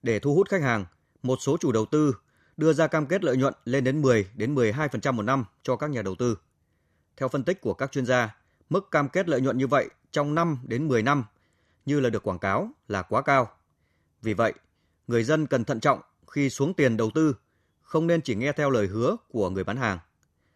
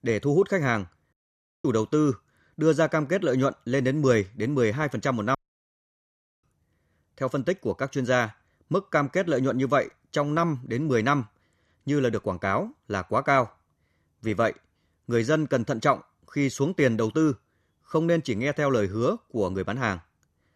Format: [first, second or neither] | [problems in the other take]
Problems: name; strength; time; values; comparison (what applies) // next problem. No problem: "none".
first | audio cutting out; at 1 s for 0.5 s and at 5.5 s for 1 s